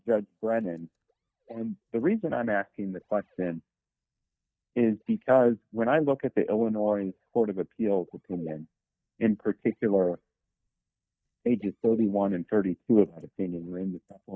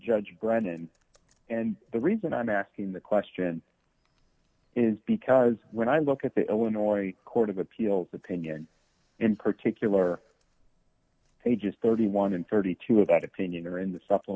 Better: second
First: noise reduction (neural mask model DeepFilterNet 3)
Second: none

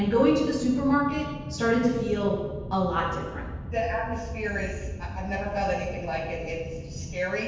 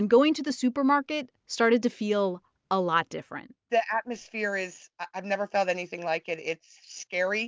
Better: second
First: background sound (Aircraft); 9 dB below the speech // room echo; dies away in 1.2 s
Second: none

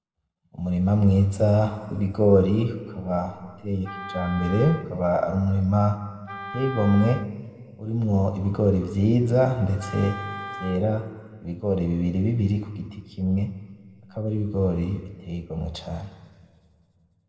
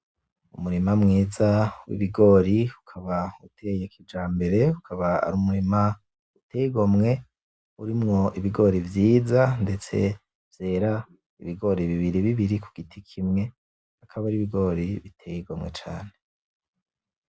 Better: second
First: background sound (Wind instrument, woodwind instrument); 14 dB below the speech // room echo; dies away in 1.8 s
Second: none

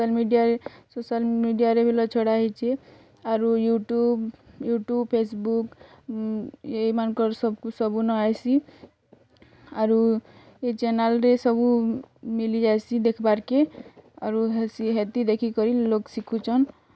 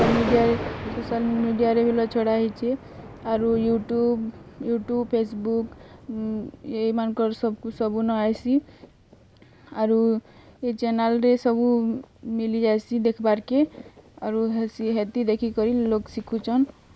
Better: first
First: none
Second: background sound (Thunder); 13 dB below the speech

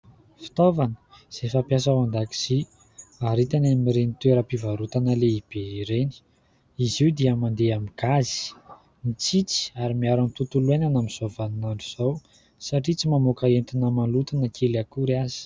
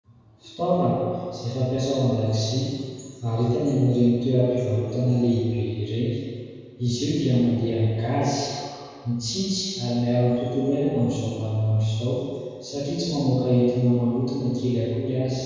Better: first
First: none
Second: room echo; dies away in 1.8 s

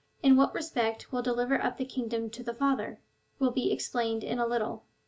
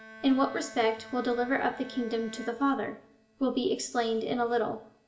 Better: first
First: none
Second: background sound (Bowed string instrument); 20 dB below the speech // room echo; dies away in 0.6 s

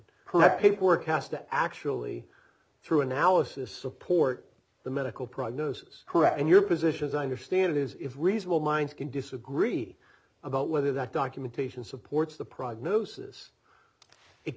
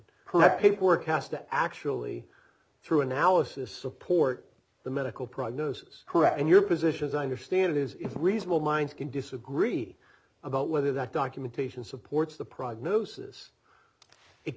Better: first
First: none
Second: background sound (Fireworks); 17 dB below the speech

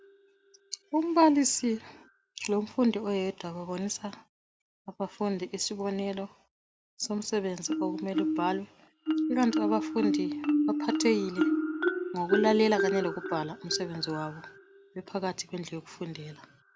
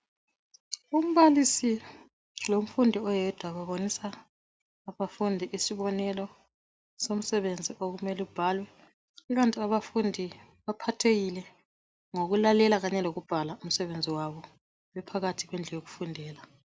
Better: second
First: background sound (Marimba, xylophone); 3 dB below the speech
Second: none

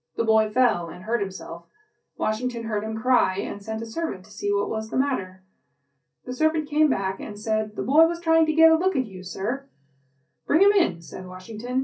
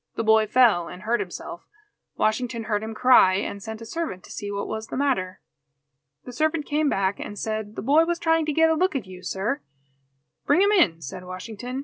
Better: second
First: room echo; dies away in 0.3 s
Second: none

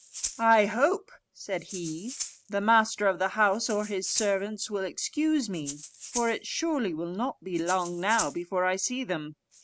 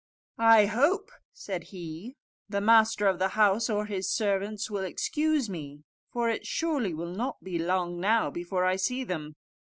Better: second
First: noise reduction (neural mask model RNNoise)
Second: none

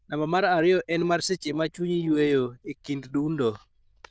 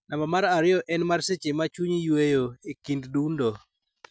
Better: second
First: noise reduction (neural diffusion model UNIVERSE++)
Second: none

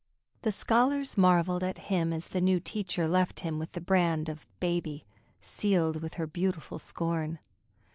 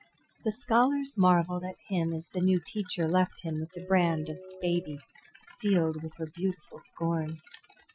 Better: first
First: none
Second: noise reduction (classical method Wiener filter)

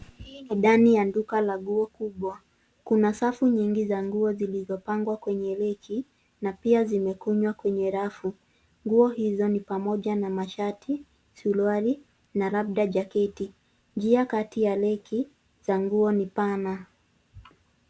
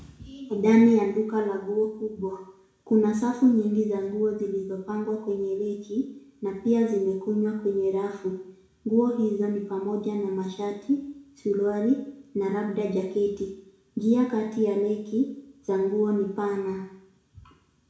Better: first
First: none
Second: room echo; dies away in 0.6 s

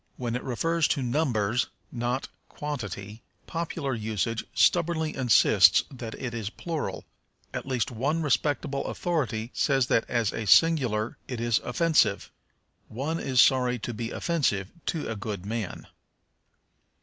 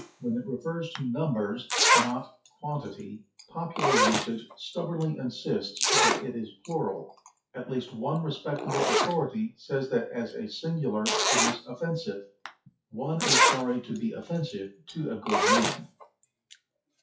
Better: first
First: none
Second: noise reduction (classical method WPE with log-MMSE)

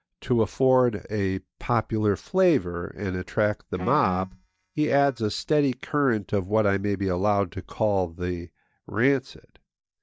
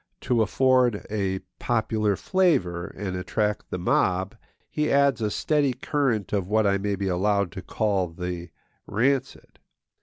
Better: second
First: noise reduction (neural mask model DeepFilterNet 3)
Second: none

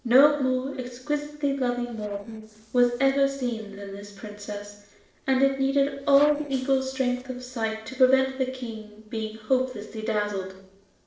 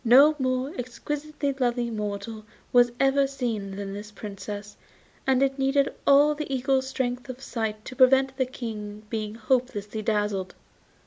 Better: second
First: noise reduction (neural separator model SepFormer DNS4)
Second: none

